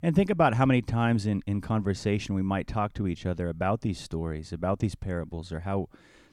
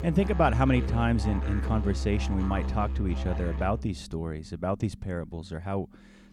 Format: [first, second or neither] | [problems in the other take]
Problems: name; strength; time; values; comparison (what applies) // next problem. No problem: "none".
first | background music; loud; throughout; 3 dB below the speech